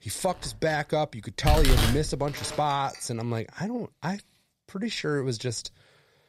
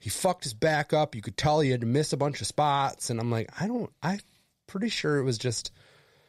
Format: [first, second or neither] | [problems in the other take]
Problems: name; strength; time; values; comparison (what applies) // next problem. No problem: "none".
second | household noises; very loud; until 3 s; 1 dB above the speech